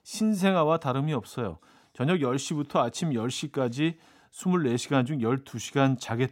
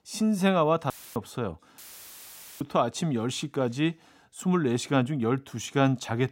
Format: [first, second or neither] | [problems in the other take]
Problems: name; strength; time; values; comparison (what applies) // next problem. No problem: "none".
first | audio cutting out; filled with static; at 1 s and at 2 s for 1 s